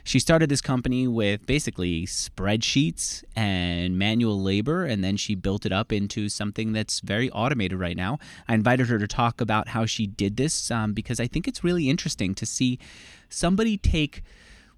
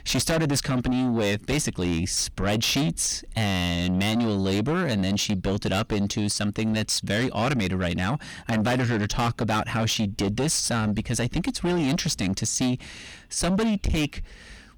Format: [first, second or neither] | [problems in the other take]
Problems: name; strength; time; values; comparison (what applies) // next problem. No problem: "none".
first | distortion; heavy; 6 dB below the speech